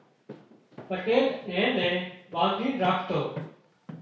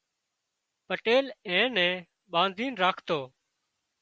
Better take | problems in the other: second | background sound (Walk, footsteps); 16 dB below the speech // room echo; dies away in 0.6 s

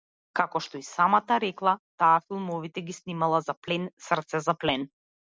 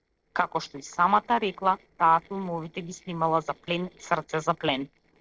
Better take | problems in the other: first | noise reduction (neural separator model SepFormer DNS4)

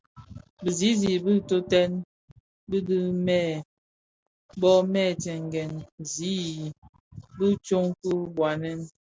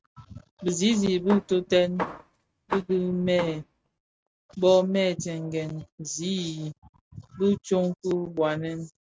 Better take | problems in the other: first | noise reduction (neural mask model RNNoise)

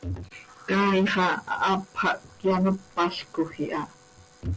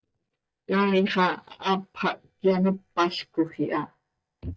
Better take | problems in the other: first | noise reduction (neural mask model DeepFilterNet 3)

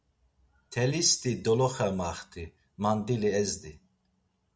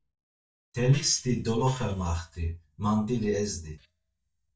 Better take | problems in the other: first | noise reduction (neural mask model DeepFilterNet 3)

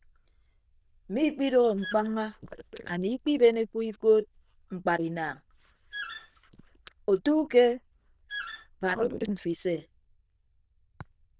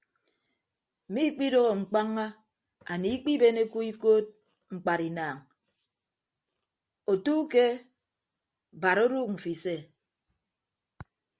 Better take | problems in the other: second | noise reduction (neural diffusion model UNIVERSE++)

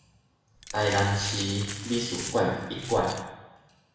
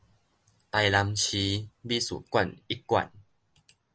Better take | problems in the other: second | background sound (Glass); 10 dB below the speech // room echo; dies away in 1.1 s

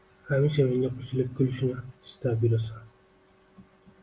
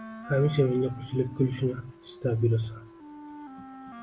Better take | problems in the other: first | background sound (Wind instrument, woodwind instrument); 16 dB below the speech

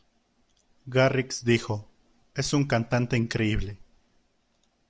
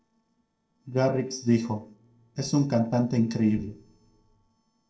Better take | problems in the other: first | noise reduction (neural separator model SepFormer DNS4)

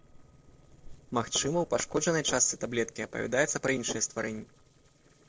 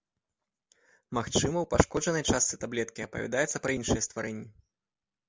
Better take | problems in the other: second | noise reduction (neural separator model SepFormer DNS4)

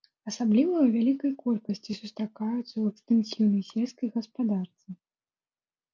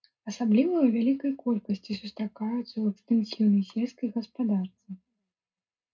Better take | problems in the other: first | room echo; dies away in 0.2 s

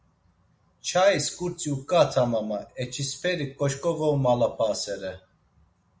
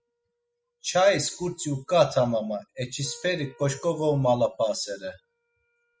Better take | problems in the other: first | noise reduction (classical method spectral subtraction)

